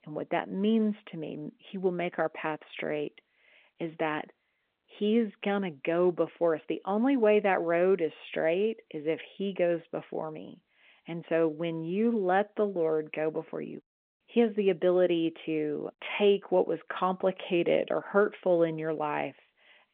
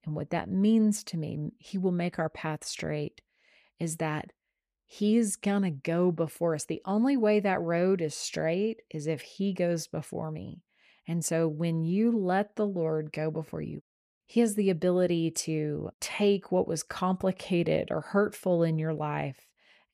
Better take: second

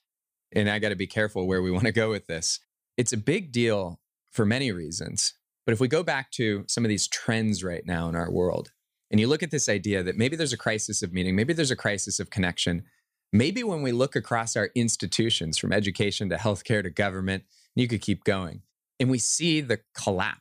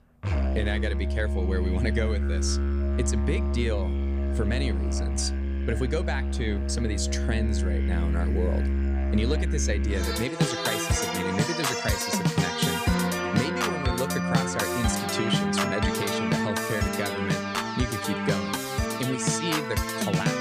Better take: first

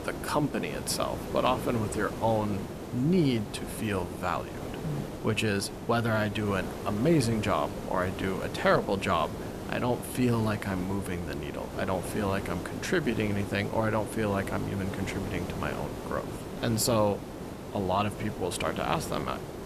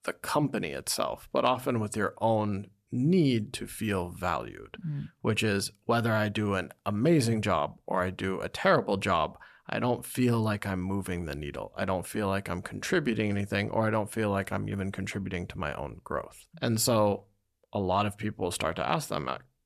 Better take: second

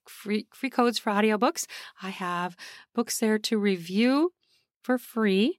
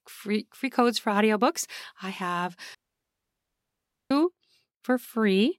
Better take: first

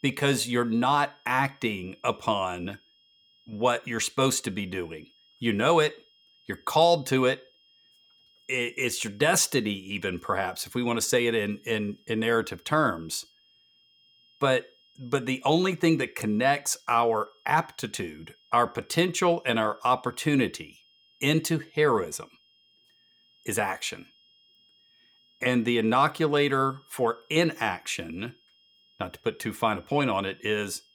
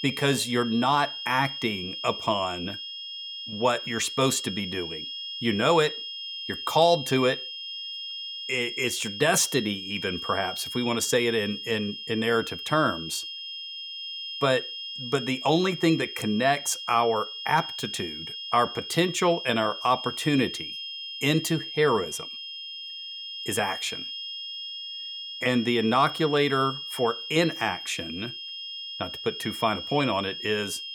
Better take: first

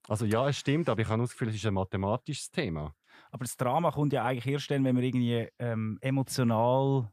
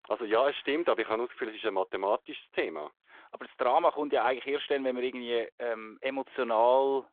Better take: first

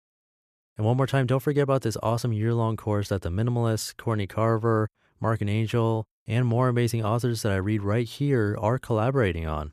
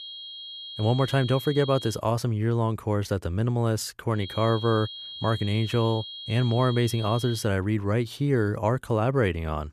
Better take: first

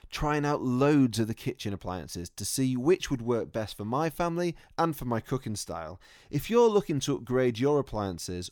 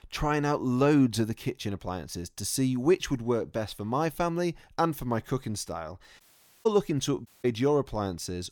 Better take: first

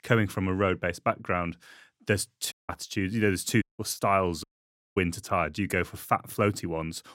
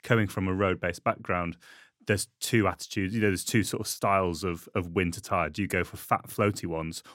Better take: second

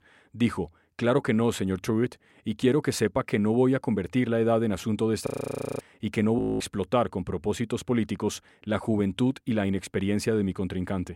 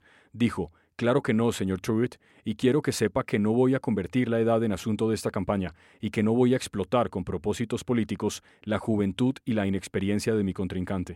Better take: second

